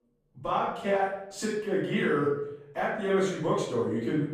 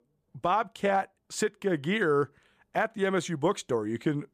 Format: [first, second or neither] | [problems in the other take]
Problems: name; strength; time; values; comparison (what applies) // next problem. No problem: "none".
second | off-mic speech; far // room echo; noticeable; dies away in 0.7 s